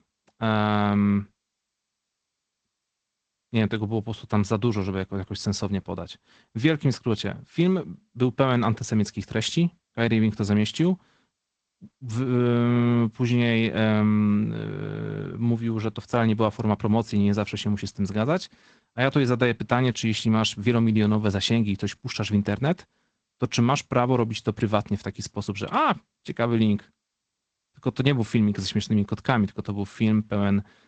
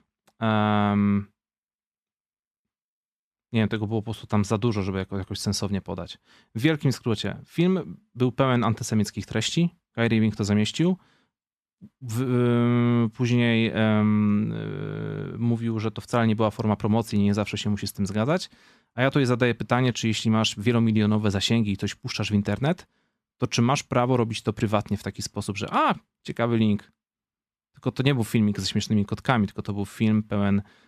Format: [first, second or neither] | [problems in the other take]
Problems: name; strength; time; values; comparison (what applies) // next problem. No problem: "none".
second | garbled, watery; slightly; nothing above 8 kHz